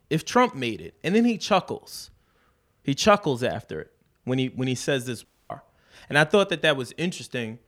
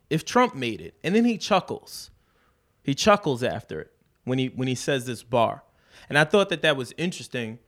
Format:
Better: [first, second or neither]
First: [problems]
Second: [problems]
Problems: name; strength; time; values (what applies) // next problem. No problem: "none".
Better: second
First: audio cutting out; at 5.5 s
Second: none